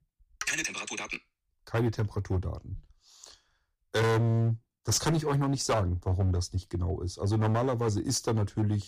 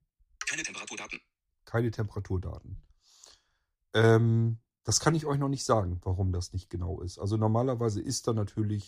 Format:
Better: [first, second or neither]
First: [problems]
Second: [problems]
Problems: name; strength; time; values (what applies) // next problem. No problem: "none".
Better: second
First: distortion; heavy; 10% of the sound clipped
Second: none